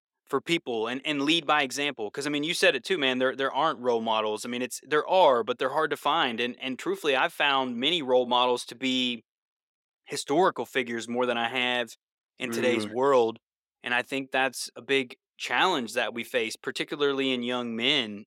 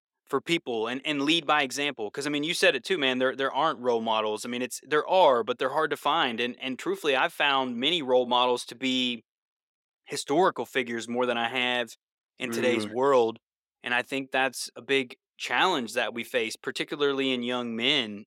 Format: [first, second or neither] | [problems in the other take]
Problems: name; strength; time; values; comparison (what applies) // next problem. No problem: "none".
neither | thin; very slightly; fading below 350 Hz; the same in both